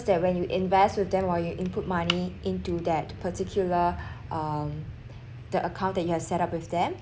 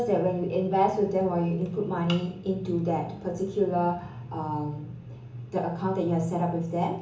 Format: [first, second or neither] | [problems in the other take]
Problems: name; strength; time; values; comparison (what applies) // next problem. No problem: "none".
first | room echo; dies away in 0.8 s